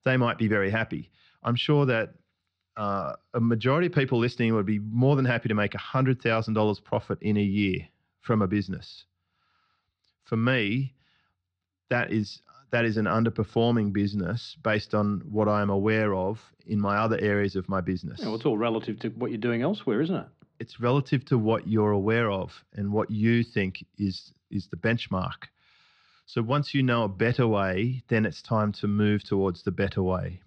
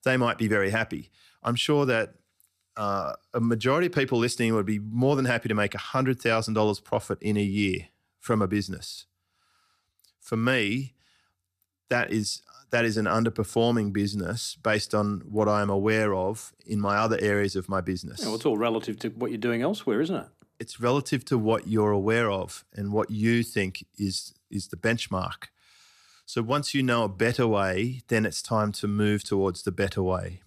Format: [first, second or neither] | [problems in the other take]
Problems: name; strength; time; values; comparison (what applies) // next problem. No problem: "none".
second | muffled; very slightly; fading above 4 kHz